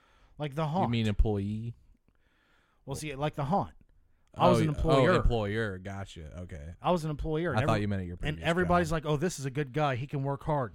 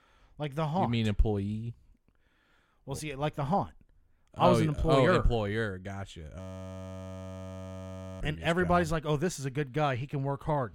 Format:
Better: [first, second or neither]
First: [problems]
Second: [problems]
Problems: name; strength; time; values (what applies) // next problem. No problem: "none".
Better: first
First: none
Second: audio freezing; at 6.5 s for 2 s